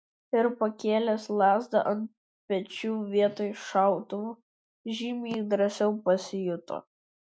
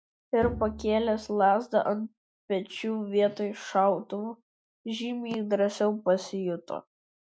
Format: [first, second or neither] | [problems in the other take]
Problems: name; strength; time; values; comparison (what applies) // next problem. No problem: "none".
first | background sound (Bowed string instrument); 12 dB below the speech